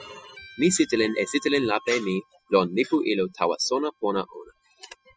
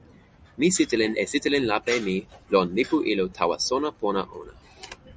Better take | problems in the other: second | noise reduction (classical method spectral subtraction)

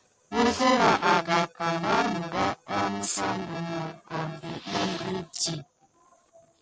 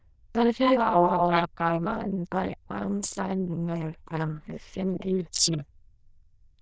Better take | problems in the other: first | noise reduction (neural diffusion model UNIVERSE++)

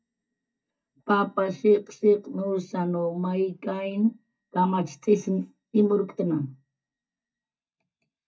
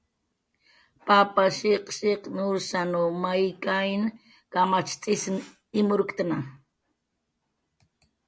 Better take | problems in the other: second | noise reduction (neural mask model DeepFilterNet 3)

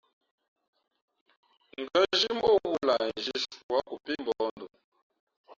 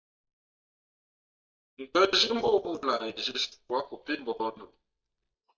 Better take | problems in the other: first | noise reduction (neural mask model DeepFilterNet 3)

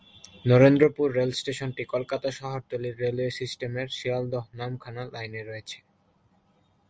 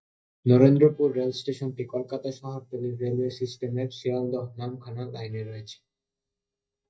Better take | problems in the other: first | noise reduction (neural mask model DeepFilterNet 3)

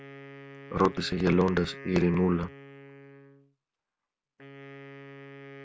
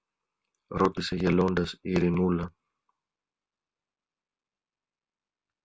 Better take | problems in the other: second | background sound (Wind instrument, woodwind instrument); 16 dB below the speech

